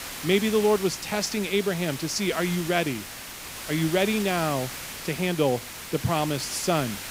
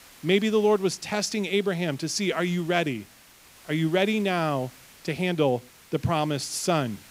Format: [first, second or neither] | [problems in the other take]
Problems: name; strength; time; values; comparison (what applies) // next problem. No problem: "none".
second | hiss; loud; throughout; 9 dB below the speech; faint in the second